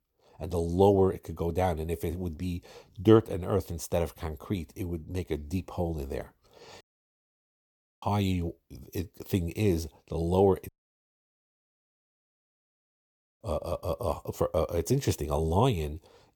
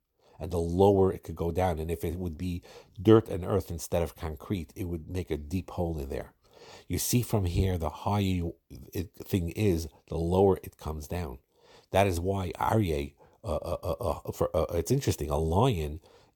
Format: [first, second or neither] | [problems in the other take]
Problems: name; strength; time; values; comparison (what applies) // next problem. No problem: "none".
second | audio cutting out; at 7 s for 1 s and at 11 s for 2.5 s